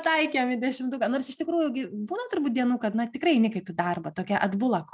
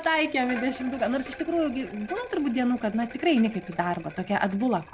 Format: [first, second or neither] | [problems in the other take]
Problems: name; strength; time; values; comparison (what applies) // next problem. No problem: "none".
first | background sound (Bicycle); 16 dB below the speech